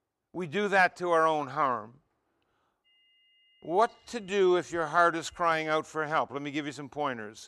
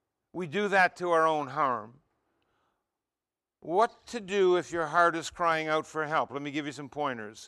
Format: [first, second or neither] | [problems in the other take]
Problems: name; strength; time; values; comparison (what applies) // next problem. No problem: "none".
second | high-pitched whine; faint; from 3 to 6 s; 3 kHz, 35 dB below the speech